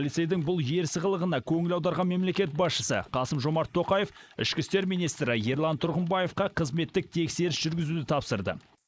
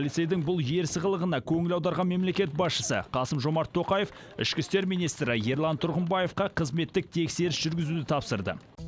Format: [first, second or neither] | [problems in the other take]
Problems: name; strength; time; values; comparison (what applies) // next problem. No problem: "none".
second | noise reduction (neural mask model Resemble Enhance denoiser)